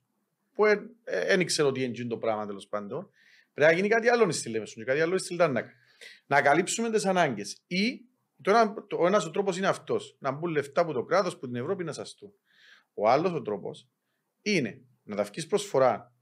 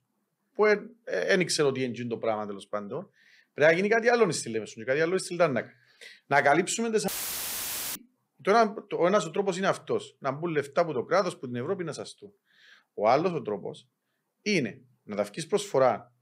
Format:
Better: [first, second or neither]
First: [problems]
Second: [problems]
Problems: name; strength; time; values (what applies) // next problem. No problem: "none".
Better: first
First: none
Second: audio cutting out; filled with static; at 7 s for 1 s